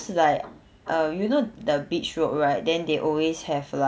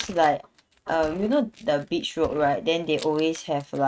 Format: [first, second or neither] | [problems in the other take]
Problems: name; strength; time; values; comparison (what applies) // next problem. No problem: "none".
first | noise reduction (neural mask model RNNoise)